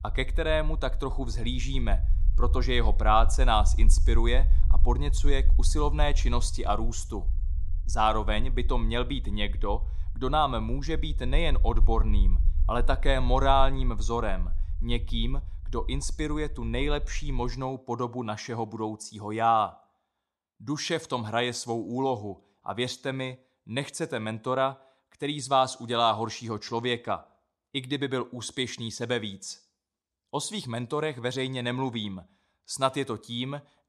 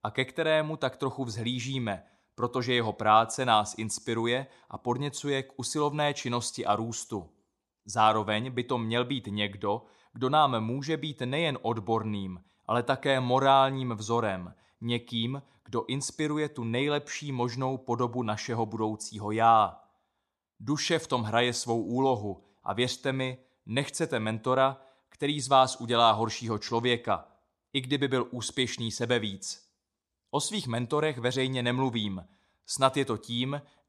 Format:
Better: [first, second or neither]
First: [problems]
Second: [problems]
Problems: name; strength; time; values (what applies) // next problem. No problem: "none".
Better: second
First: low rumble; faint; until 18 s; 25 dB below the speech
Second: none